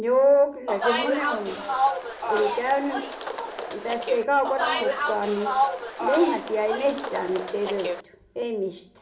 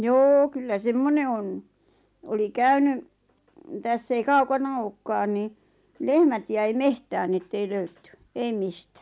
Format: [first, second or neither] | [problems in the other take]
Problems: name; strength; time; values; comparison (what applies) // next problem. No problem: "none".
second | background sound (Bus); 2 dB below the speech // room echo; dies away in 0.5 s